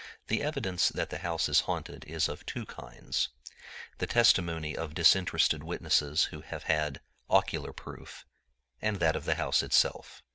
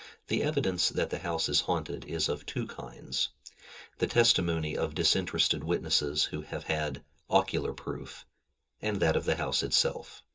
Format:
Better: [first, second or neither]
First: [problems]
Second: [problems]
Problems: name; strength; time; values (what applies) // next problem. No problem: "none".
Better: first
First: none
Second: room echo; dies away in 0.2 s